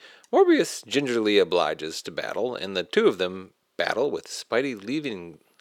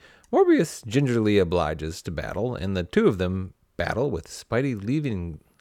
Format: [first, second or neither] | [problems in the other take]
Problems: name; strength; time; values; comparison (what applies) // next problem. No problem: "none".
second | thin; somewhat; fading below 350 Hz